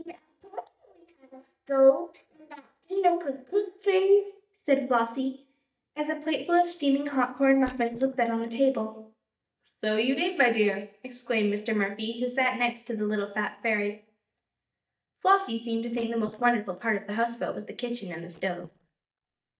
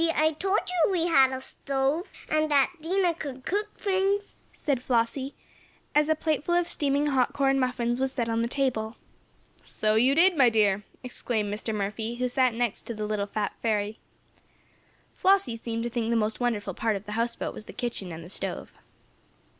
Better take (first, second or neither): second